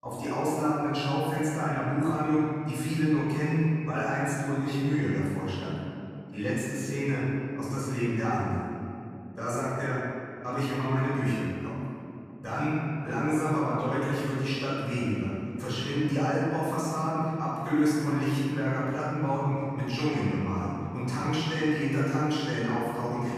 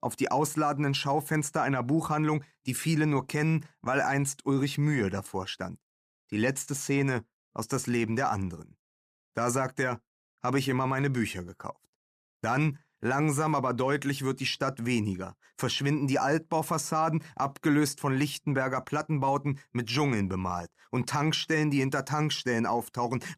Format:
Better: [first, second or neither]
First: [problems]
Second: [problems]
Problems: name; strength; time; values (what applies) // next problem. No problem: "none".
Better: second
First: off-mic speech; far // room echo; strong; dies away in 2.6 s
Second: none